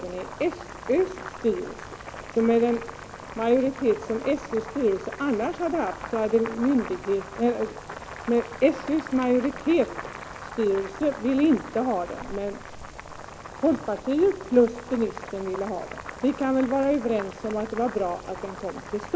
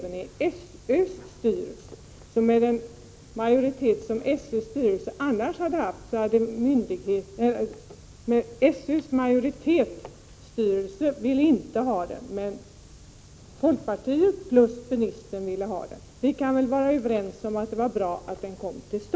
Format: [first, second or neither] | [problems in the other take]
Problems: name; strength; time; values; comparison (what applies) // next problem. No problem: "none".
second | background sound (Boiling); 14 dB below the speech